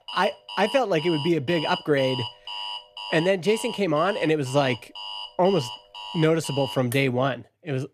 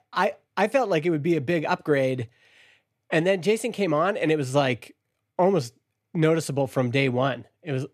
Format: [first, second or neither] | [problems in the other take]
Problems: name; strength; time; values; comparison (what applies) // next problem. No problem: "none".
second | alarm; noticeable; until 7 s; peak 7 dB below the speech